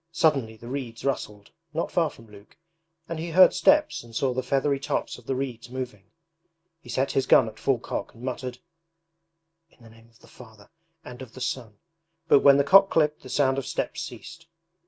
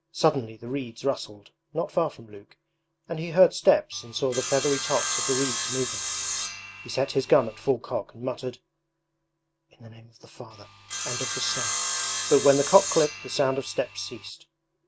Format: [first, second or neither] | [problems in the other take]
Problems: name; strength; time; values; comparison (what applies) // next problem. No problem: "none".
first | background sound (Sawing); 4 dB below the speech